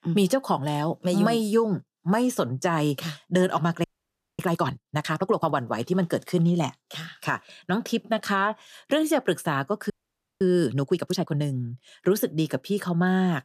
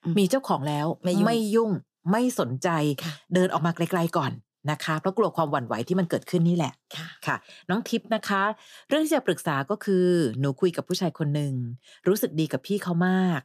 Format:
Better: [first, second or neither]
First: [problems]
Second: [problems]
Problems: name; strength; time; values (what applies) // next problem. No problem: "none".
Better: second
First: audio freezing; at 4 s for 0.5 s and at 10 s for 0.5 s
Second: none